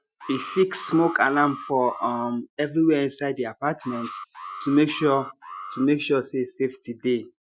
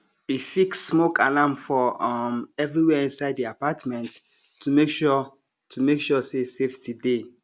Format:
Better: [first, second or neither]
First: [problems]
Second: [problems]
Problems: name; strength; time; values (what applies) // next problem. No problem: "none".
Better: second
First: noise reduction (classical method Wiener filter)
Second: none